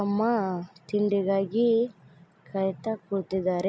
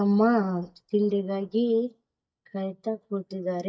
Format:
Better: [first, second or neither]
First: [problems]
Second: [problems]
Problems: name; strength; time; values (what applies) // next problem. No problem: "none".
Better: first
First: none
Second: noise reduction (neural mask model DeepFilterNet 3)